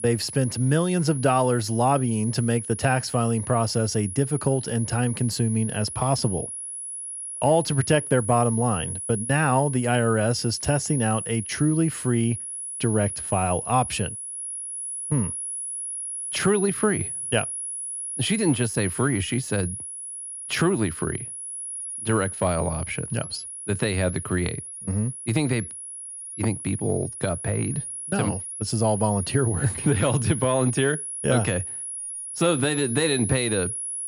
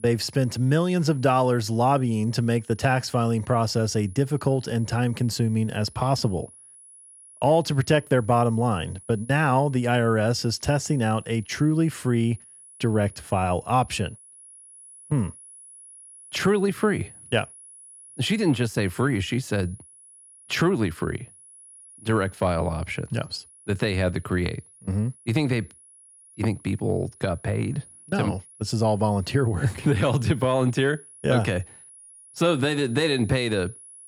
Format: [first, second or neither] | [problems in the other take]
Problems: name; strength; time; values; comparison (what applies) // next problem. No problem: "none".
second | high-pitched whine; loud; throughout; 10.5 kHz, 7 dB below the speech; faint in the second